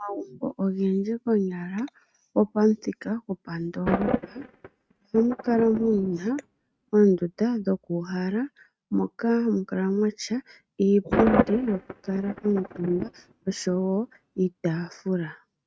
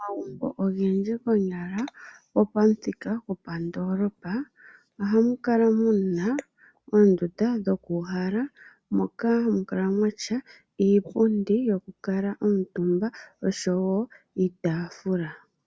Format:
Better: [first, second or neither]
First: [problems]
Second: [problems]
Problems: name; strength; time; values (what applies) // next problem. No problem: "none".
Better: second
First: noise reduction (neural mask model RNNoise)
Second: none